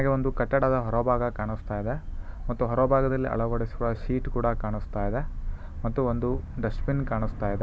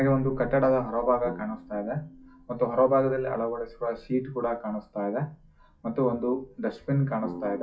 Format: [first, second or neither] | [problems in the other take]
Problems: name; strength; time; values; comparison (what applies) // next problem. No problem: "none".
first | noise reduction (classical method WPE with log-MMSE)